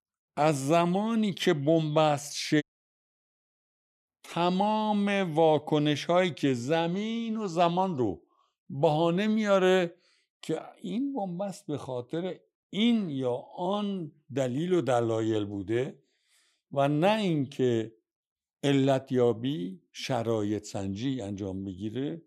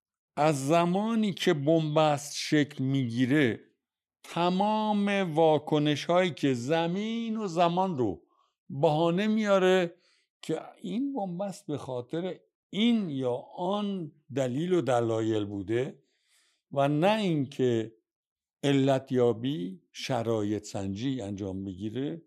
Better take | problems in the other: second | audio cutting out; at 2.5 s for 1.5 s

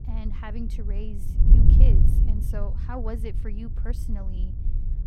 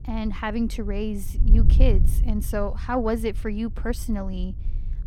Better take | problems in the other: second | wind noise on the microphone; heavy; 1 dB below the speech; occasional gusts in the second

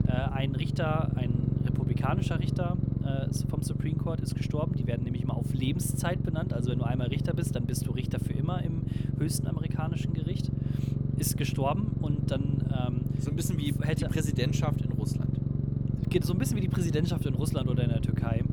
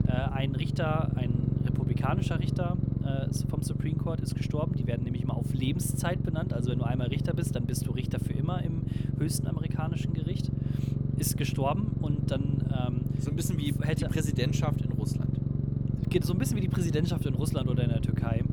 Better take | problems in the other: neither | low rumble; loud; throughout; 3 dB below the speech; the same in both

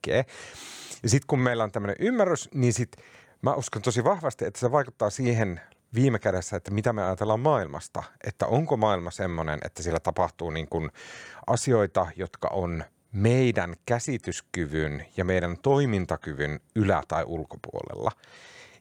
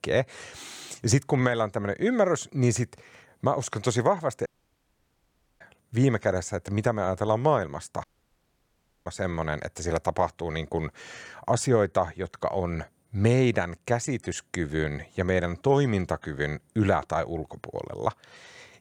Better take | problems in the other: first | audio cutting out; at 4.5 s for 1 s and at 8 s for 1 s

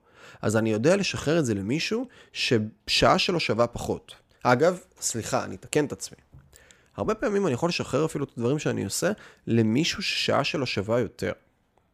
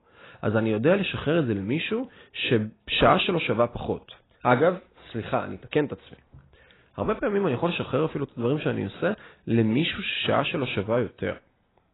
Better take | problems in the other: first | garbled, watery; badly; nothing above 4 kHz

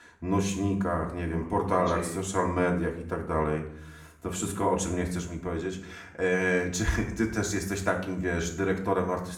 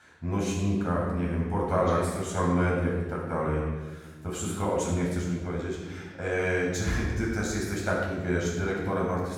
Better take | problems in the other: first | room echo; strong; dies away in 1.2 s; slight in the first // off-mic speech; far; far in the first

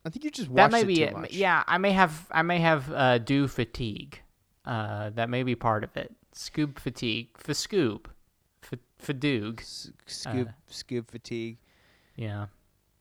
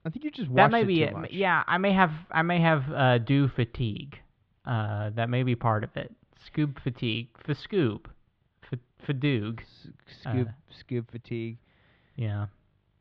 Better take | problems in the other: first | muffled; very; fading above 3.5 kHz

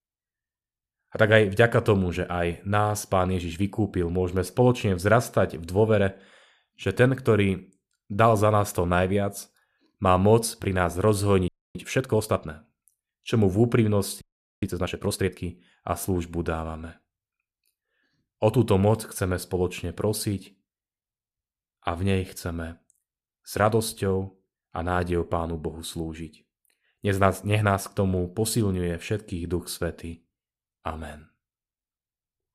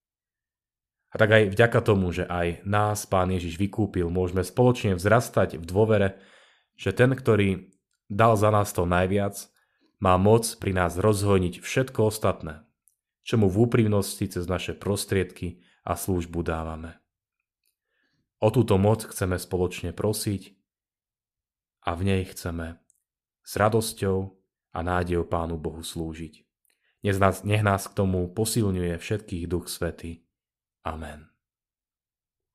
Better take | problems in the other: second | audio freezing; at 11 s and at 14 s

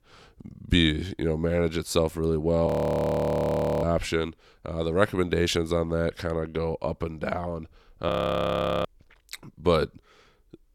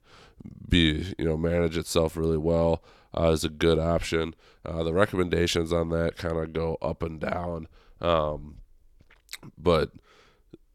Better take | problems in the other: second | audio freezing; at 2.5 s for 1 s and at 8 s for 1 s

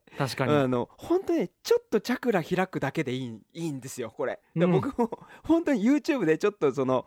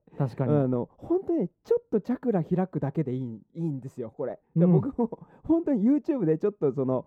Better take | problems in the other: first | muffled; very; fading above 1.5 kHz

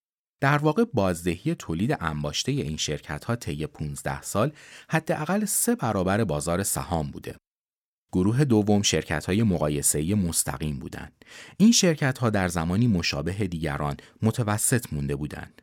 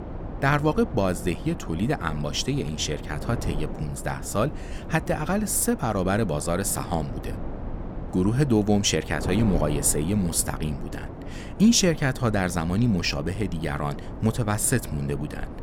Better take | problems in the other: first | wind noise on the microphone; occasional gusts; 15 dB below the speech

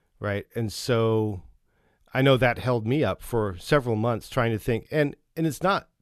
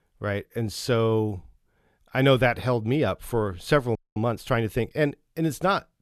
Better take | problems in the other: first | audio freezing; at 4 s

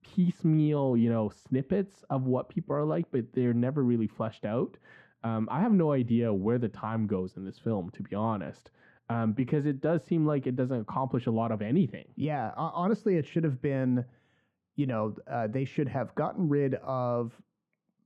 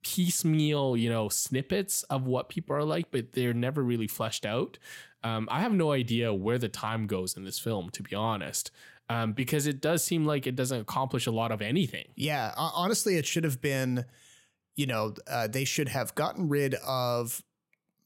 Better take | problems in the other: second | muffled; very; fading above 1 kHz

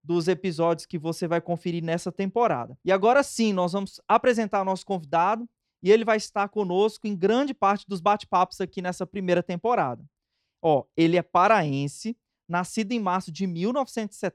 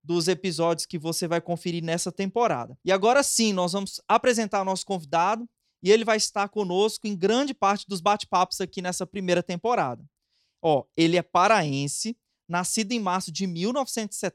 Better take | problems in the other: second | muffled; slightly; fading above 3.5 kHz

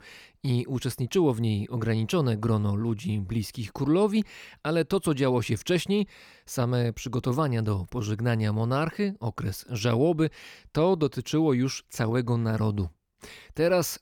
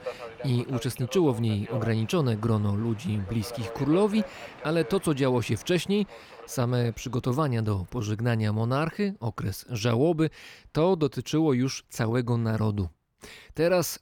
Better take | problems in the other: first | train or aircraft noise; noticeable; throughout; 15 dB below the speech

